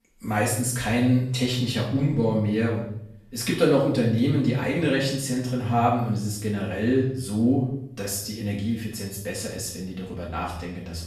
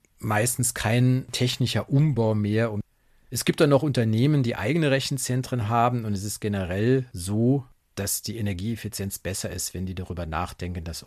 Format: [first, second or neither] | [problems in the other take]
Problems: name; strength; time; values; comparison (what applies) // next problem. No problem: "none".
second | off-mic speech; far // room echo; noticeable; dies away in 0.6 s